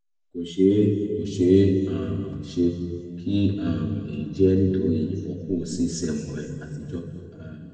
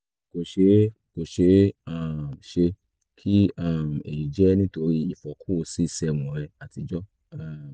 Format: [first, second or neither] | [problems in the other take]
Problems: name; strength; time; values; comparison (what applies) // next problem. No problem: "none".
second | room echo; dies away in 2 s